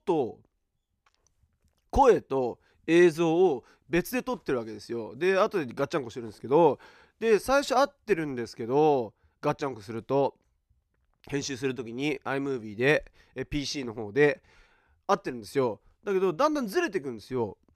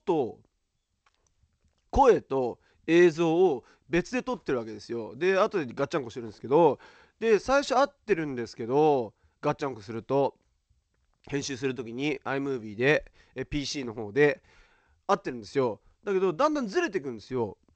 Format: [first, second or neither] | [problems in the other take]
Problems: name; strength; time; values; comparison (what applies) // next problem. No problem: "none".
first | garbled, watery; slightly